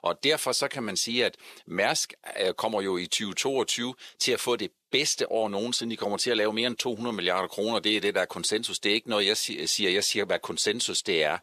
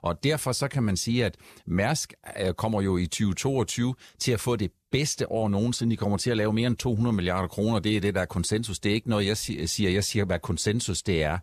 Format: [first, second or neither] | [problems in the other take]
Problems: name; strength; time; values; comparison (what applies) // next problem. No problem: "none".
second | thin; somewhat; fading below 400 Hz